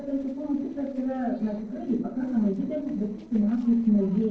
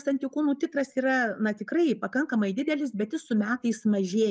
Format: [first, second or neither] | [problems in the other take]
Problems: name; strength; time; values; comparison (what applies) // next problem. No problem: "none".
second | noise reduction (neural separator model SepFormer DNS4)